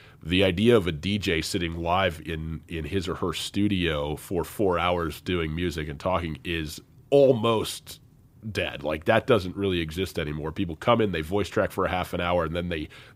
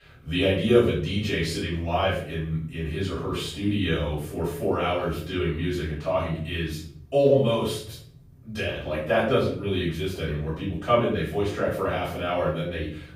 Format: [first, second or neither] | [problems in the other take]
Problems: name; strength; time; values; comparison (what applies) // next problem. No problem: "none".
first | room echo; noticeable; dies away in 0.5 s // off-mic speech; far